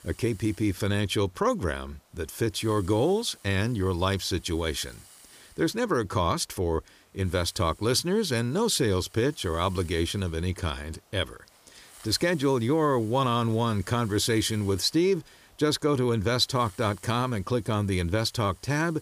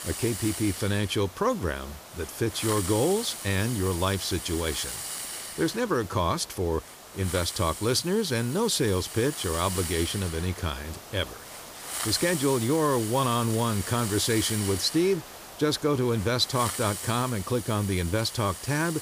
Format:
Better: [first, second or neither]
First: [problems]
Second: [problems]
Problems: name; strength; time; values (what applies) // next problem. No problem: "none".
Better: first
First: hiss; faint; throughout; 25 dB below the speech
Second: hiss; loud; throughout; 8 dB below the speech